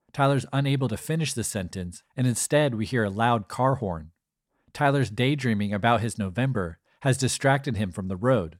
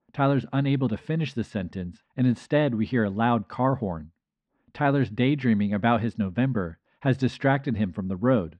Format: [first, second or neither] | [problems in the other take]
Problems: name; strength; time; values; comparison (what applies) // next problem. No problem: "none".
first | muffled; slightly; fading above 3.5 kHz